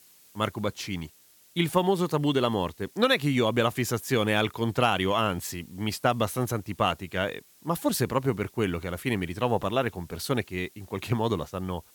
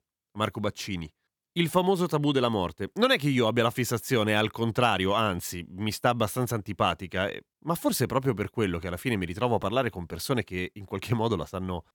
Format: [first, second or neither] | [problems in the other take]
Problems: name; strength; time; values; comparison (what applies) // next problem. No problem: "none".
second | hiss; faint; throughout; 25 dB below the speech